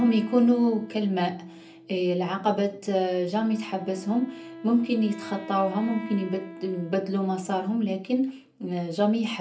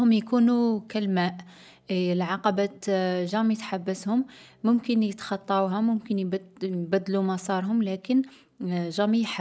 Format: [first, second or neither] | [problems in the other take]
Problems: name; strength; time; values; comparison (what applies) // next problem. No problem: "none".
second | background sound (Wind instrument, woodwind instrument); 18 dB below the speech // room echo; dies away in 0.3 s